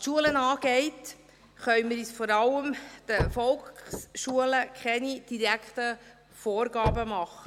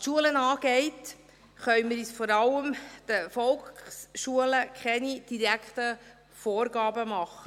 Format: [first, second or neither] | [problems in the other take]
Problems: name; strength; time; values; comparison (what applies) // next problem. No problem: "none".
second | background sound (Slam / Car); 11 dB below the speech